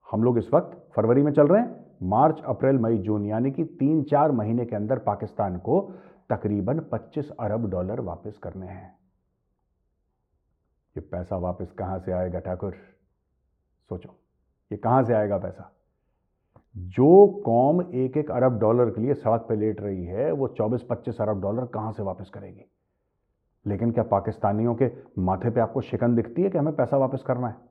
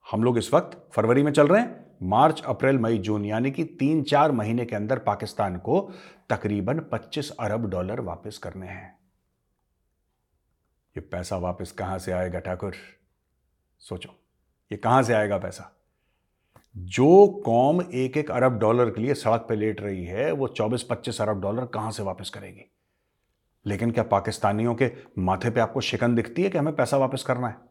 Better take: second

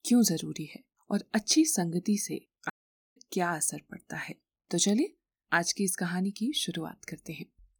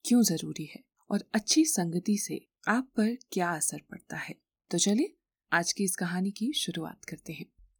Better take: second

